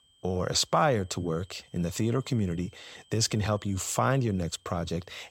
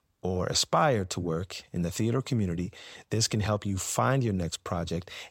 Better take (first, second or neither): second